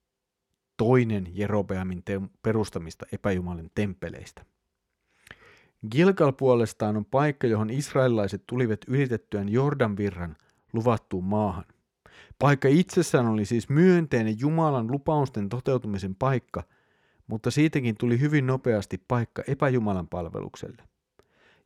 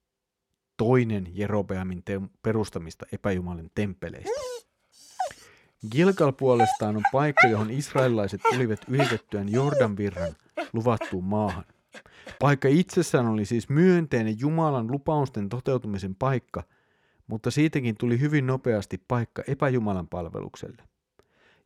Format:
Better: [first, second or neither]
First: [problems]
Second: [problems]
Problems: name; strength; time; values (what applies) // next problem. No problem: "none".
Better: first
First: none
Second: dog barking; loud; from 4.5 to 11 s; peak 6 dB above the speech